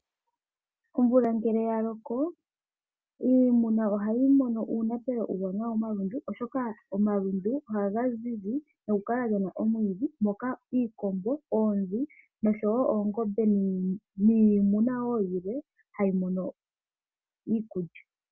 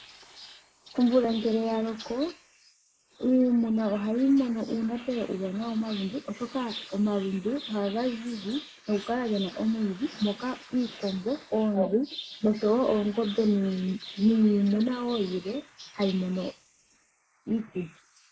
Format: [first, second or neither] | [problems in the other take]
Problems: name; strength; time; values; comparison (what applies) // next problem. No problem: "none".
first | noise reduction (neural mask model Resemble Enhance denoiser)